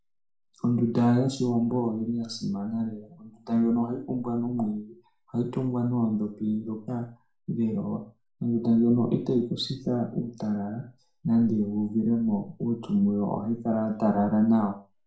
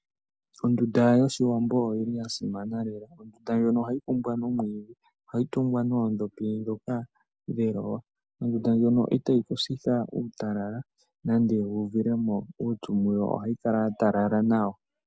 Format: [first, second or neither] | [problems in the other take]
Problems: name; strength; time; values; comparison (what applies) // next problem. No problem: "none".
second | room echo; dies away in 0.4 s